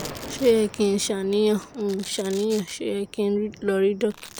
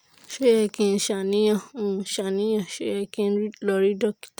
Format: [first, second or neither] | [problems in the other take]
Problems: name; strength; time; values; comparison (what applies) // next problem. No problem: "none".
second | background sound (Thunder + Domestic sounds, home sounds); 17 dB below the speech